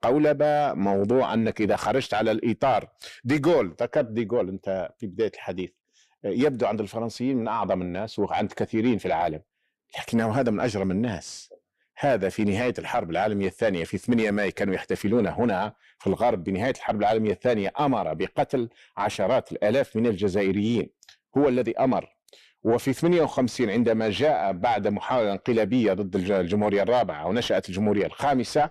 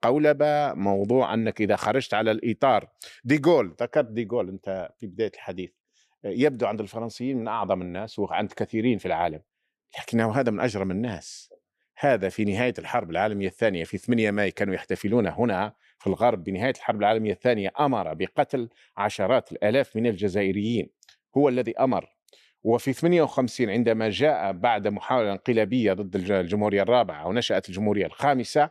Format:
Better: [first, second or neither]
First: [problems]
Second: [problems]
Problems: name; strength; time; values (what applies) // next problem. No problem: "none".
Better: second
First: distortion; slight; 10 dB below the speech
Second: none